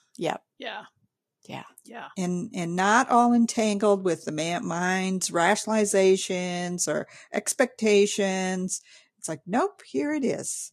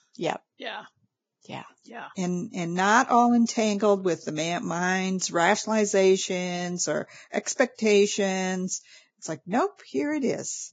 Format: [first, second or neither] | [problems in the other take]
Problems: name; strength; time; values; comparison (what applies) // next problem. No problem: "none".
first | garbled, watery; badly; nothing above 7.5 kHz; slightly in the first